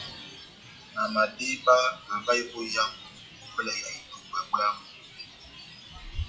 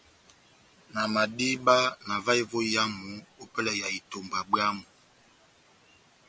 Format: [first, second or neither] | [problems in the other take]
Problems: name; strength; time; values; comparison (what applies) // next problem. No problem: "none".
second | noise reduction (classical method WPE with log-MMSE)